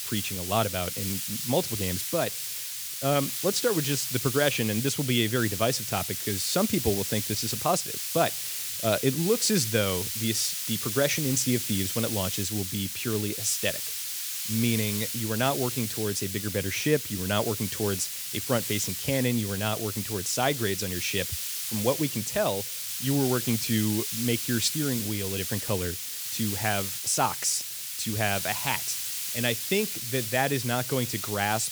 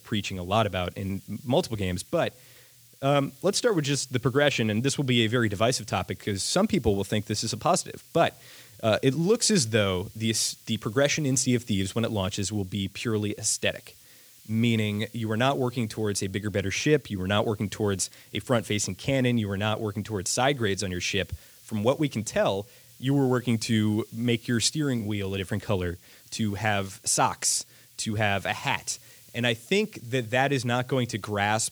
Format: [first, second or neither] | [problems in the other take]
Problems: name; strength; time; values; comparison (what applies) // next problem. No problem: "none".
second | hiss; loud; throughout; 2 dB below the speech; faint in the second